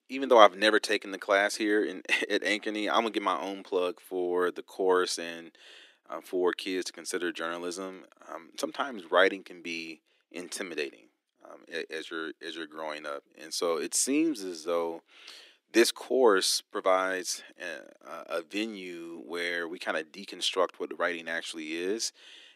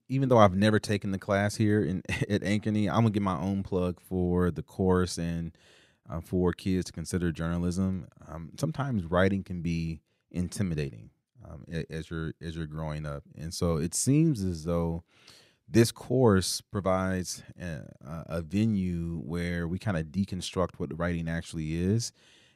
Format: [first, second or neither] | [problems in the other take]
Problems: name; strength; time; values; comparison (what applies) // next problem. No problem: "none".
second | thin; very; fading below 300 Hz